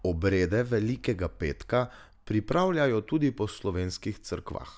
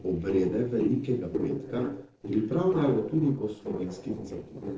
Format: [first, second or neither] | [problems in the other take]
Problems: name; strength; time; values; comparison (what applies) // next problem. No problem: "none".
first | noise reduction (neural separator model SepFormer DNS4)